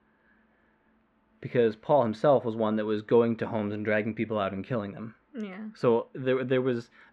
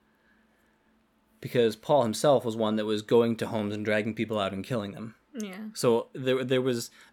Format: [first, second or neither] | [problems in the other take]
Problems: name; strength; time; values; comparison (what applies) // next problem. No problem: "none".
second | muffled; very; fading above 2 kHz